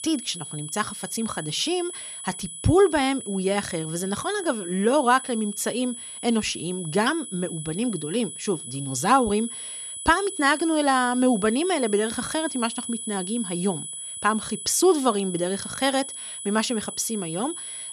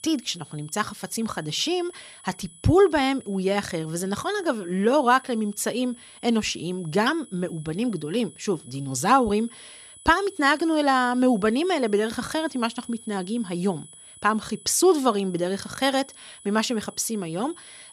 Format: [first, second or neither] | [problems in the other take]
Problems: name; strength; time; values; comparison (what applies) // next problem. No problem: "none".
second | high-pitched whine; loud; throughout; 10.5 kHz, 9 dB below the speech; faint in the second